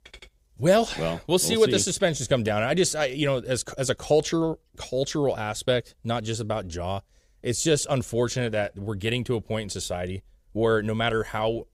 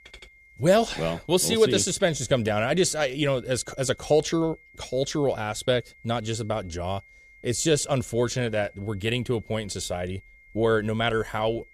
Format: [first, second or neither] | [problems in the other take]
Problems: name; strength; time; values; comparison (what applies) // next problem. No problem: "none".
first | high-pitched whine; faint; throughout; 2 kHz, 25 dB below the speech